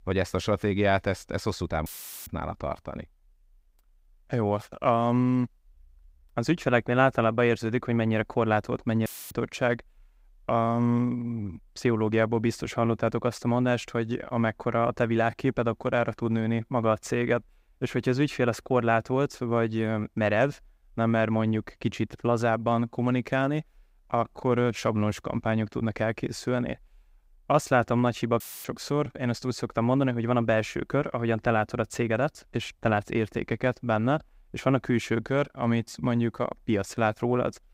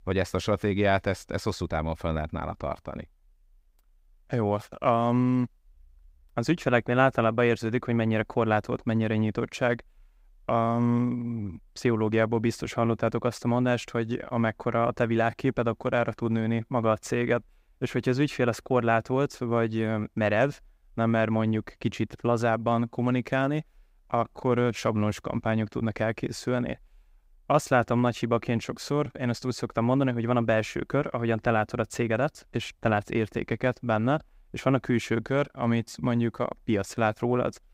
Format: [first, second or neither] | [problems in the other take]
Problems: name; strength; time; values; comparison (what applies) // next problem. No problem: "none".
second | audio cutting out; filled with static; at 2 s, at 9 s and at 28 s